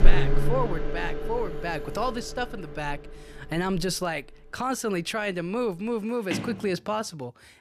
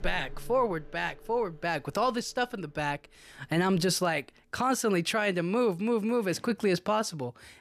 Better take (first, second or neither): second